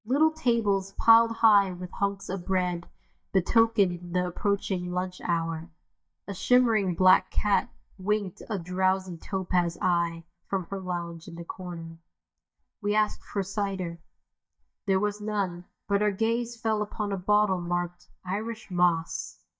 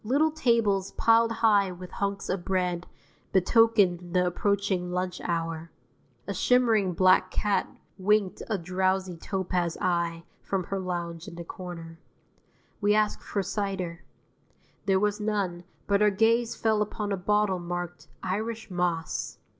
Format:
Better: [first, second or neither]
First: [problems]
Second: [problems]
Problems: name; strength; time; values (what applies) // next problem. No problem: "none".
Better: second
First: noise reduction (neural mask model DeepFilterNet 3)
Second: none